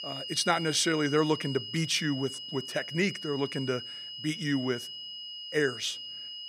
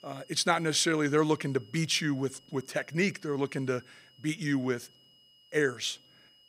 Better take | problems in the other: second | high-pitched whine; loud; throughout; 3 kHz, 8 dB below the speech; faint in the second

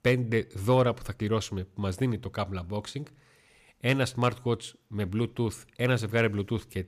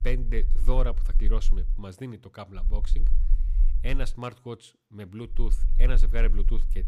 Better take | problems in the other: first | low rumble; noticeable; until 1.5 s, from 2.5 to 4 s and from 5.5 s on; 15 dB below the speech

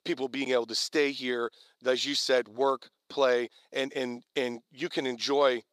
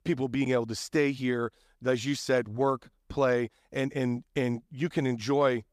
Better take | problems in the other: second | thin; somewhat; fading below 400 Hz

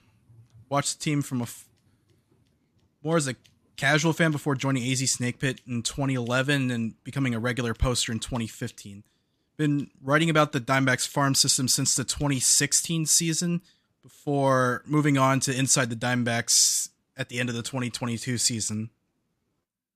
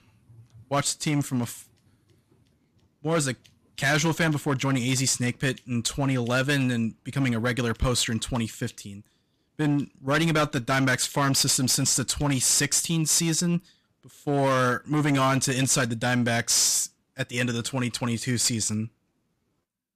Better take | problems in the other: first | distortion; slight; 9% of the sound clipped

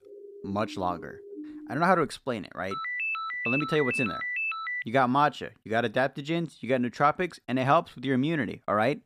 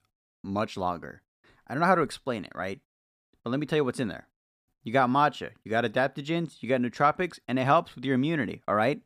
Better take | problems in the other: second | siren; faint; until 2 s; peak 15 dB below the speech // phone ringing; noticeable; from 2.5 to 5 s; peak 1 dB below the speech

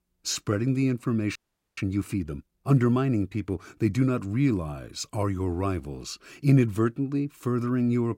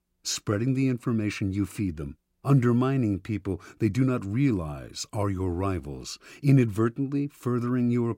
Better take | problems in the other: second | audio freezing; at 1.5 s

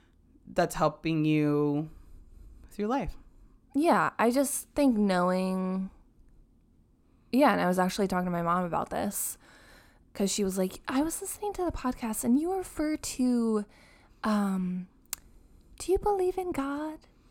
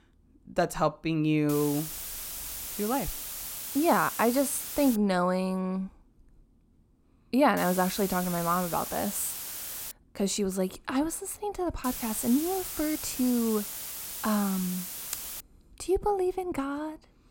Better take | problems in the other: first | hiss; loud; from 1.5 to 5 s, from 7.5 to 10 s and from 12 to 15 s; 6 dB below the speech

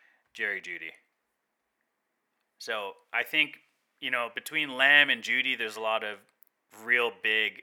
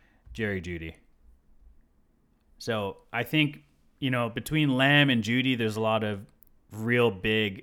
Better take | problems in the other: second | thin; very; fading below 600 Hz

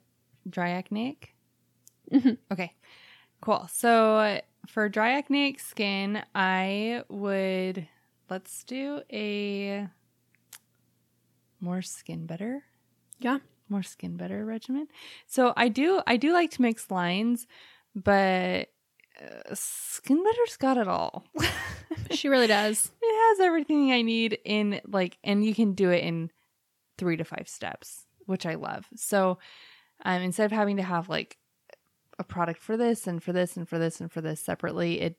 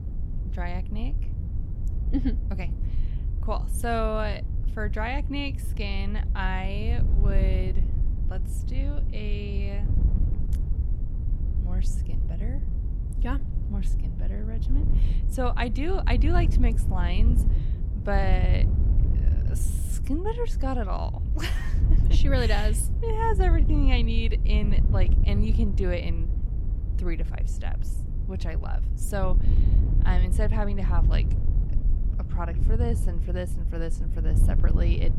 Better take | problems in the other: first | wind noise on the microphone; occasional gusts; 10 dB below the speech

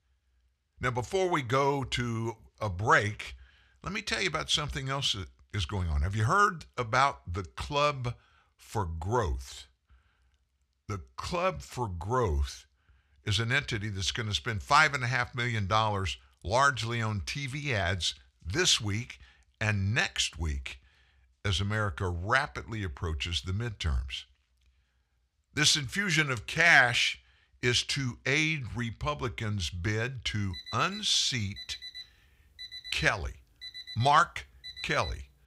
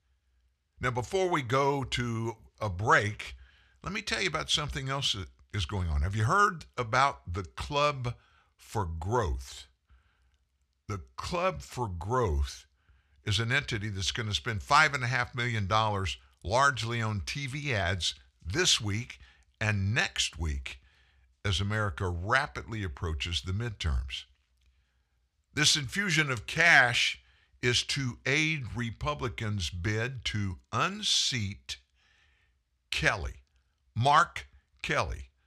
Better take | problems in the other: second | alarm; faint; from 31 s on; peak 10 dB below the speech

